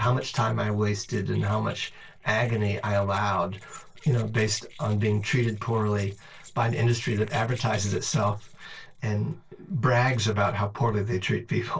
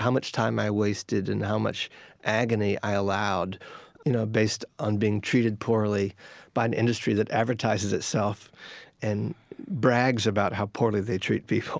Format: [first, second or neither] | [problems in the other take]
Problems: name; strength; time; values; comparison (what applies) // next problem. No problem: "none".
second | noise reduction (neural separator model SepFormer DNS4)